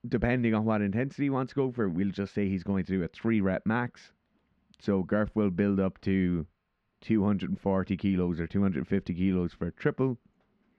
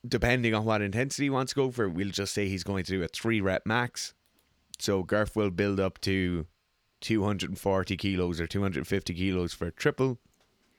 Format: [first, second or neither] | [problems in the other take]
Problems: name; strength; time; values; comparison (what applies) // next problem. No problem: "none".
second | muffled; very; fading above 2 kHz